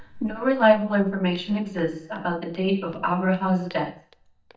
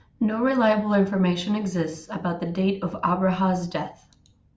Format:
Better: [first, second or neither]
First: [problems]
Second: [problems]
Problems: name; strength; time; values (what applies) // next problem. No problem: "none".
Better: second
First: noise reduction (neural mask model DeepFilterNet 3)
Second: none